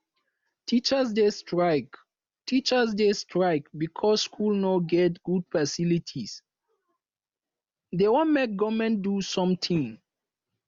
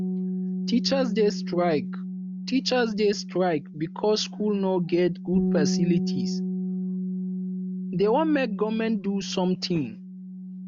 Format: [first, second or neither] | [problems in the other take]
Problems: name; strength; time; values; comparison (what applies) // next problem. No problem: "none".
first | background sound (Bass guitar); 4 dB below the speech